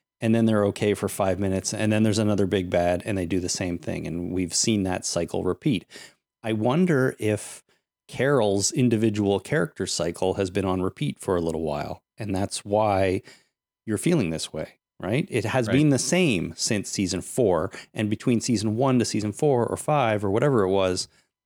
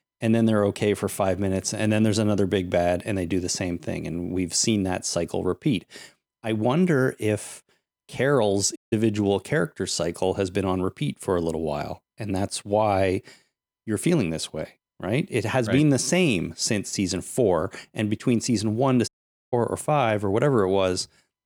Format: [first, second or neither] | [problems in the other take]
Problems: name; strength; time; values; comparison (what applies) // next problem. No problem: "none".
first | audio cutting out; at 9 s and at 19 s